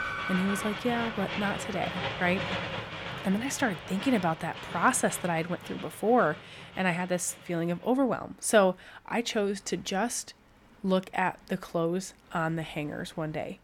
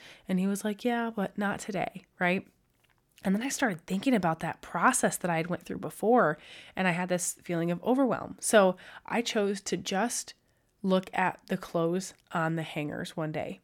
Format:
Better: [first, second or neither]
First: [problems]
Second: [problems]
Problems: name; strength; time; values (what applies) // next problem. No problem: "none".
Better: second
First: train or aircraft noise; loud; throughout; 7 dB below the speech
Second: none